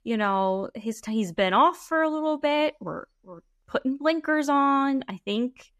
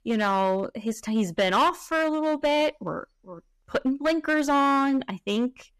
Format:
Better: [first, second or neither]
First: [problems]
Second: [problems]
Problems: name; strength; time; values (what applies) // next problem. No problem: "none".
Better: first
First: none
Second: distortion; slight; 8% of the sound clipped